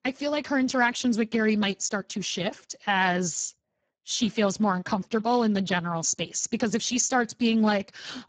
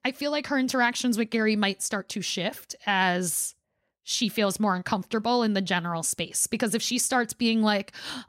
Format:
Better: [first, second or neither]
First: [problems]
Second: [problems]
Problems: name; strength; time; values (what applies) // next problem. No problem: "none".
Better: second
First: garbled, watery; badly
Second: none